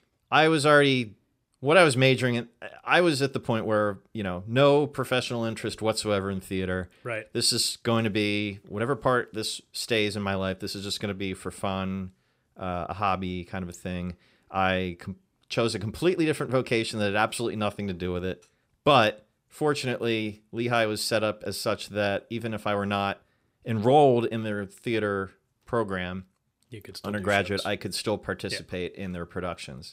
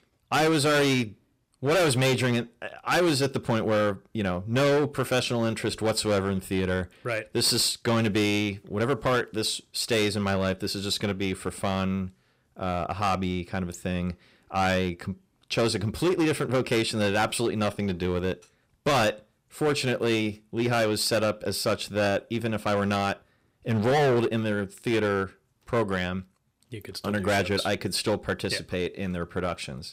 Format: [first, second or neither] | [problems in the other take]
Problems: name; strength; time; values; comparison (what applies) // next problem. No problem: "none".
first | distortion; heavy; 10% of the sound clipped